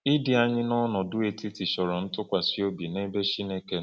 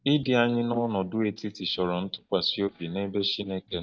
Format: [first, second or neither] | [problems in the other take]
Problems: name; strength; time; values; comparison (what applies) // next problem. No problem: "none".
first | noise reduction (neural mask model DeepFilterNet 3)